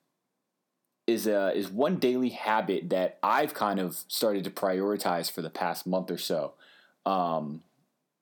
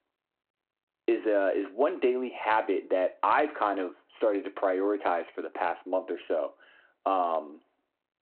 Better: first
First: none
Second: phone-call audio; nothing above 4 kHz

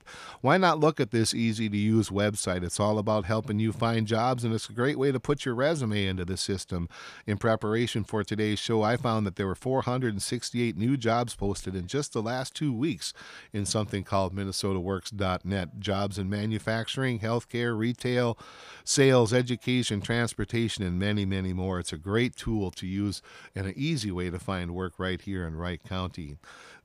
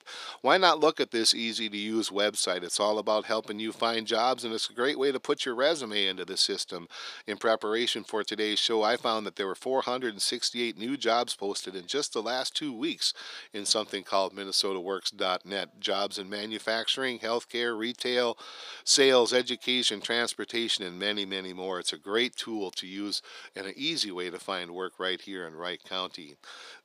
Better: first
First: none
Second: thin; somewhat; fading below 350 Hz

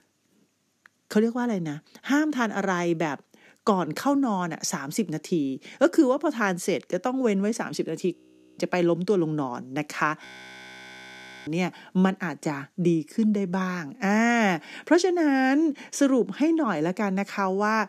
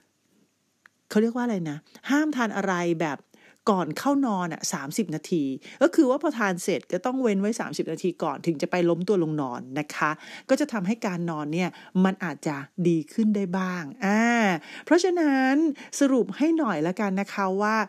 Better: second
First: audio freezing; at 8 s and at 10 s for 1 s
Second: none

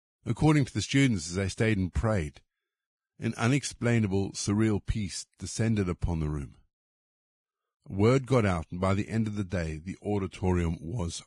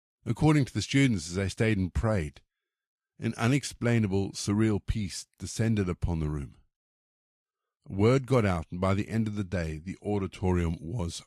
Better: second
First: garbled, watery; badly; nothing above 10 kHz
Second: garbled, watery; slightly

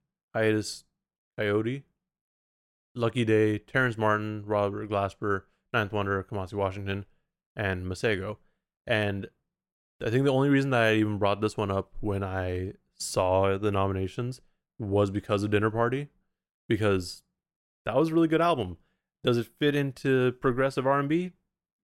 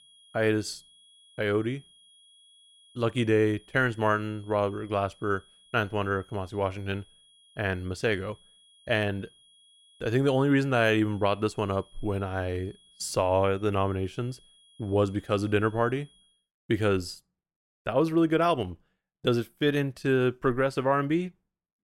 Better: first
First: none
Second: high-pitched whine; faint; until 16 s; 3.5 kHz, 30 dB below the speech

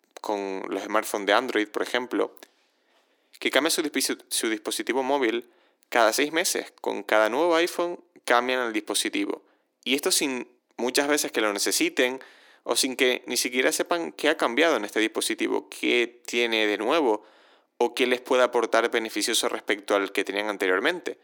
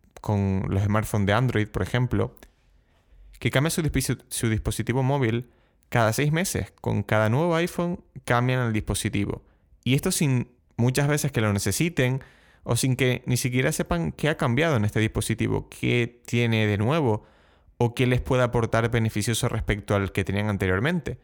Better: second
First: thin; somewhat; fading below 300 Hz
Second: none

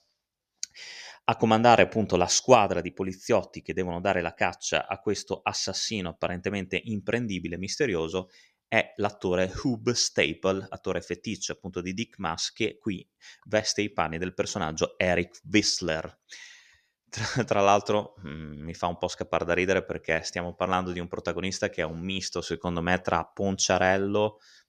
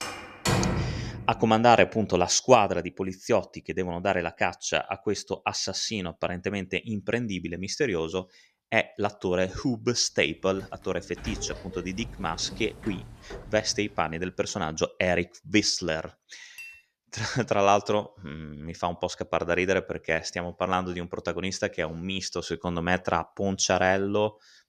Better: first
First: none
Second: door banging; loud; until 1.5 s; peak 2 dB above the speech // door banging; faint; from 11 to 14 s; peak 10 dB below the speech // clattering dishes; faint; at 17 s; peak 15 dB below the speech

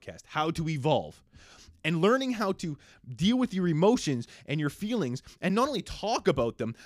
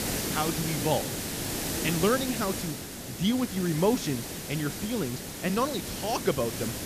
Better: first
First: none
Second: hiss; loud; throughout; 3 dB below the speech

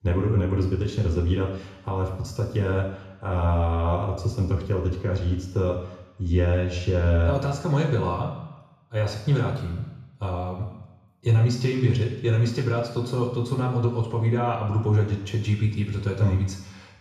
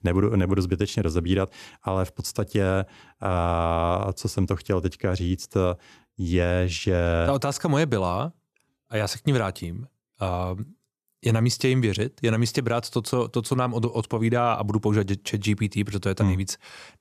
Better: second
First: room echo; noticeable; dies away in 1 s // off-mic speech; far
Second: none

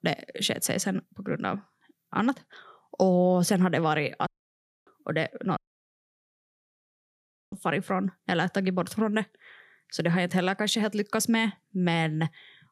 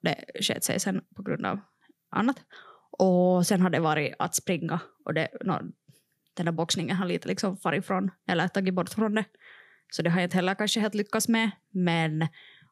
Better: second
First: audio cutting out; at 4.5 s for 0.5 s and at 5.5 s for 2 s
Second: none

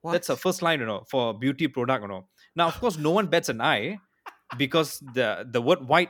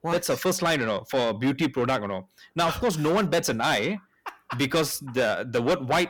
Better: first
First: none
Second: distortion; heavy; 7 dB below the speech

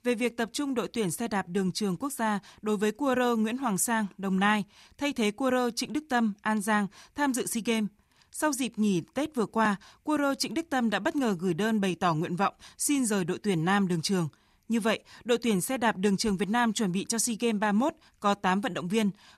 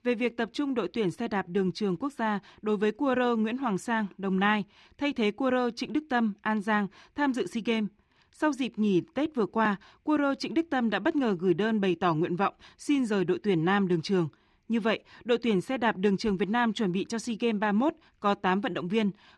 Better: first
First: none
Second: muffled; slightly; fading above 3 kHz

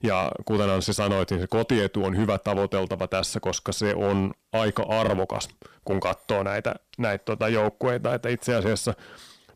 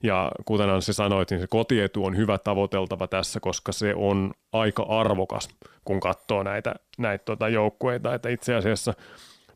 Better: second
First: distortion; slight; 3% of the sound clipped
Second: none

